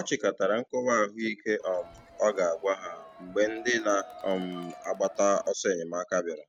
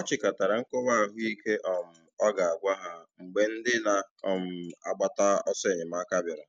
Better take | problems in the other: second | background sound (Crowd); 18 dB below the speech

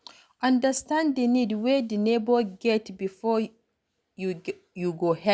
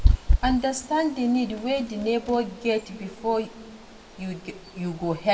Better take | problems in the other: first | background sound (Wind / Bird); 1 dB below the speech // room echo; dies away in 1.4 s

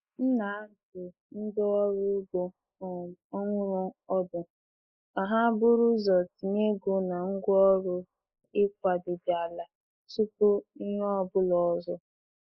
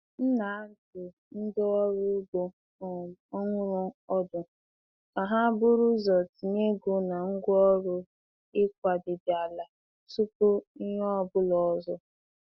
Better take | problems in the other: second | noise reduction (neural mask model Resemble Enhance denoiser)

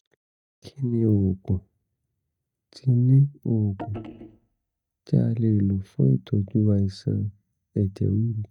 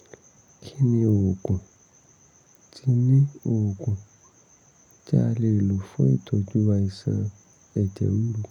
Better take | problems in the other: second | noise reduction (neural mask model DeepFilterNet 3)

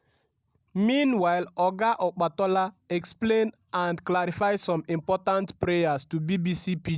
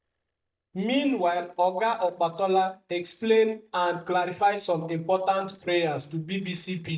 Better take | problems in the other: first | noise reduction (neural mask model DeepFilterNet 3)

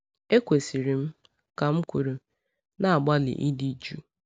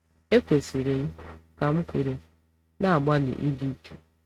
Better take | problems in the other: first | noise reduction (neural mask model RNNoise)

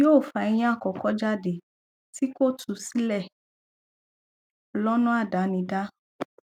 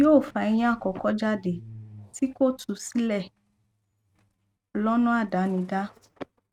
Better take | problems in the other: first | noise reduction (neural mask model RNNoise)

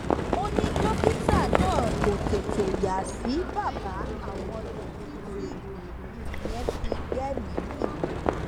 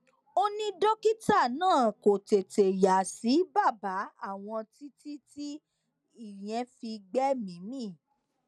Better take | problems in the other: second | background sound (Livestock, farm animals, working animals); 4 dB above the speech

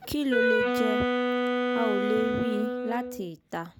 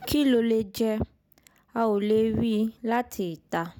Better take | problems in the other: second | background sound (Wind instrument, woodwind instrument); 3 dB above the speech

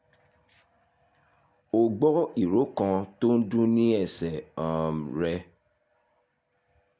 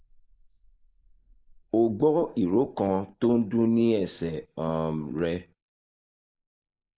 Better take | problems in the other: first | noise reduction (neural mask model Resemble Enhance denoiser)

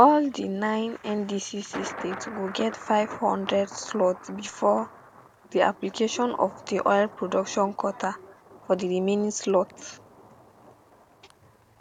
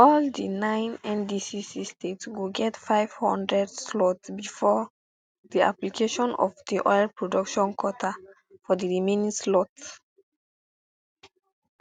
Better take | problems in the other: second | background sound (Thunder); 18 dB below the speech

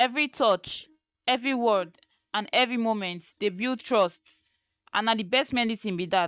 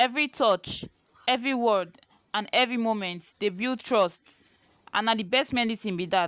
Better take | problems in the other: second | noise reduction (neural mask model DeepFilterNet 3)

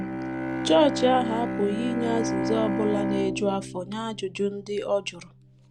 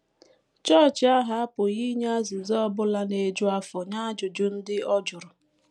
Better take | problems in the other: second | background sound (Bowed string instrument); 4 dB below the speech

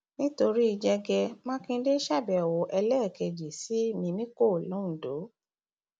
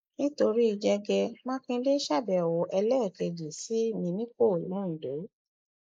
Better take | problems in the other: first | noise reduction (neural mask model Resemble Enhance denoiser)

